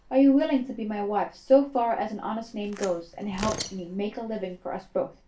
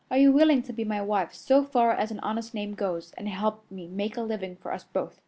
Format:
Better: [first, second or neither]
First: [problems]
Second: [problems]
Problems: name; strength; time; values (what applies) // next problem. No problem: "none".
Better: second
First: background sound (Tearing); 17 dB below the speech // room echo; dies away in 0.2 s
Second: none